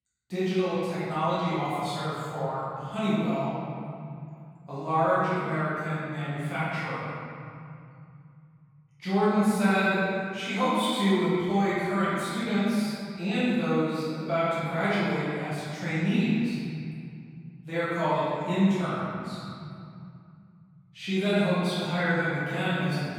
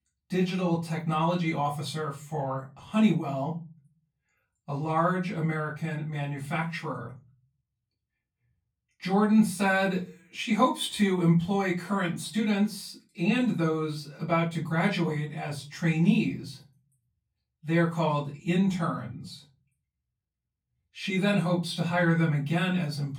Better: second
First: room echo; strong; dies away in 2.8 s // off-mic speech; far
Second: room echo; slight; dies away in 0.3 s // off-mic speech; far

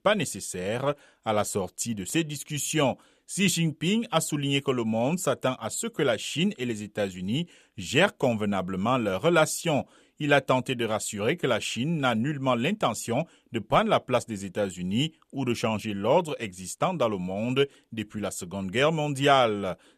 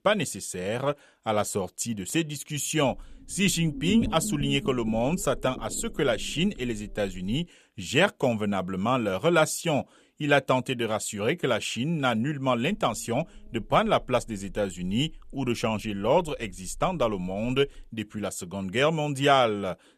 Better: first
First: none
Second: low rumble; noticeable; from 3 to 7.5 s and from 13 to 18 s; 15 dB below the speech

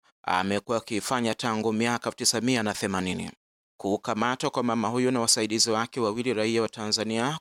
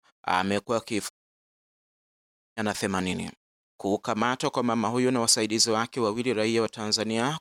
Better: first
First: none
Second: audio cutting out; at 1 s for 1.5 s

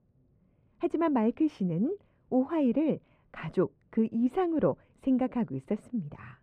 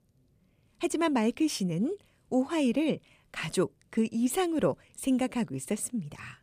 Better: second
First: muffled; very; fading above 3.5 kHz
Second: none

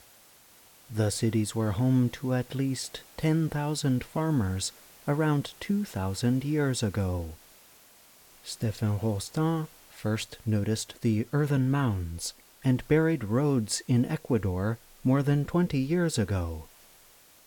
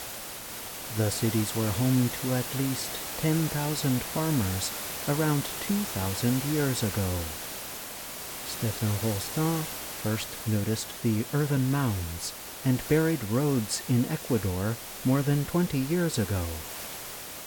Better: first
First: hiss; faint; throughout; 25 dB below the speech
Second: hiss; loud; throughout; 6 dB below the speech

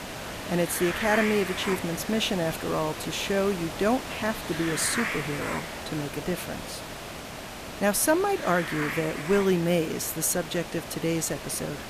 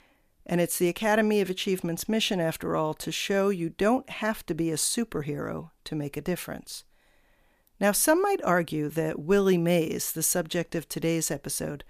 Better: second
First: hiss; loud; throughout; 7 dB below the speech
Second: none

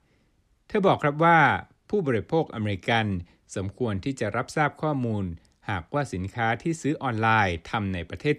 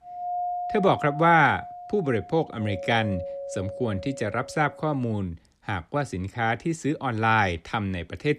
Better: first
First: none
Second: doorbell; noticeable; until 5 s; peak 4 dB below the speech

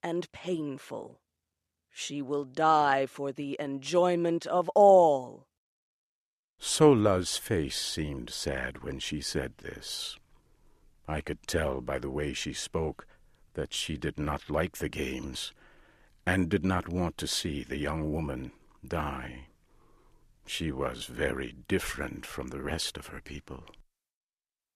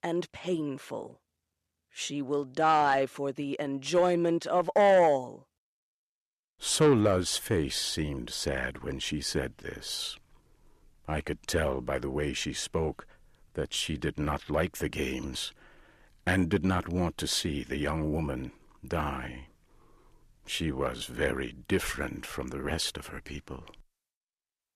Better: first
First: none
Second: distortion; slight; 10 dB below the speech

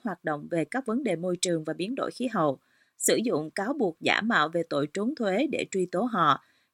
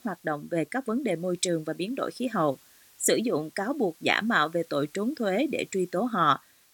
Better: first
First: none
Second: hiss; faint; throughout; 25 dB below the speech

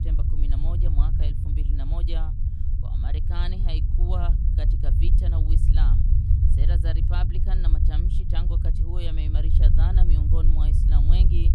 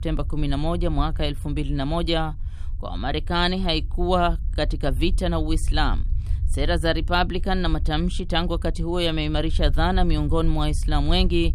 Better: second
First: low rumble; loud; throughout; 1 dB below the speech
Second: low rumble; faint; throughout; 25 dB below the speech

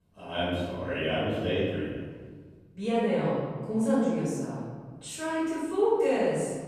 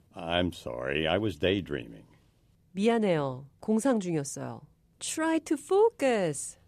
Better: second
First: room echo; strong; dies away in 1.5 s // off-mic speech; far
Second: none

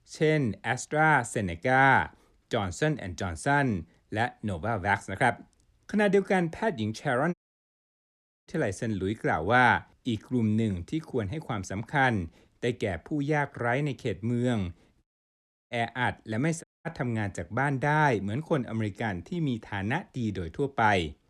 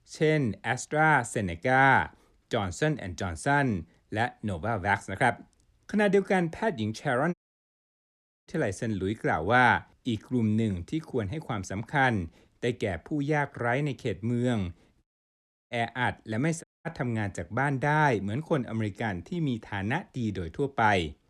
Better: neither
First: audio cutting out; at 7.5 s for 1 s, at 15 s for 0.5 s and at 17 s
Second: audio cutting out; at 7.5 s for 1 s, at 15 s for 0.5 s and at 17 s

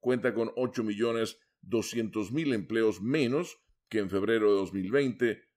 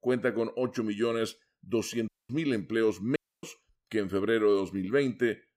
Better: first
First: none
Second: audio cutting out; at 2 s and at 3 s

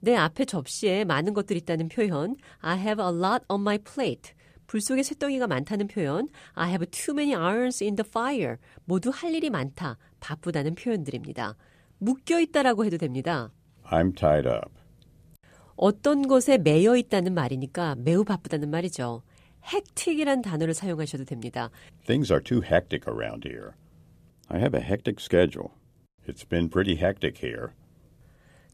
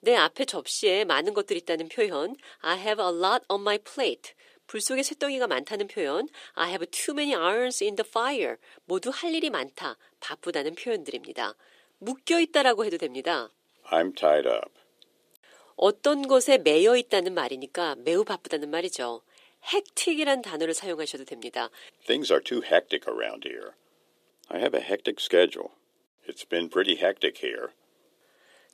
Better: first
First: none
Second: thin; somewhat; fading below 350 Hz

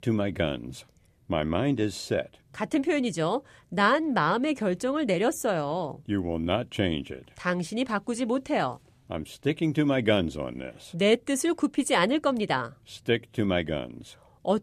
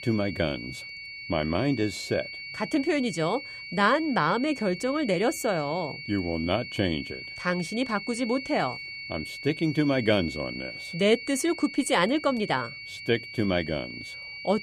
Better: first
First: none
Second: high-pitched whine; loud; throughout; 2 kHz, 10 dB below the speech

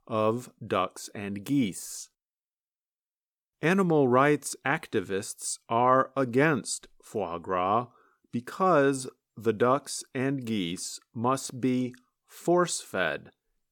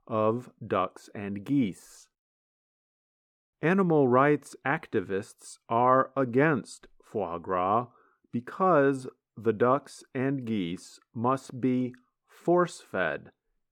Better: first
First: none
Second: muffled; slightly; fading above 3 kHz

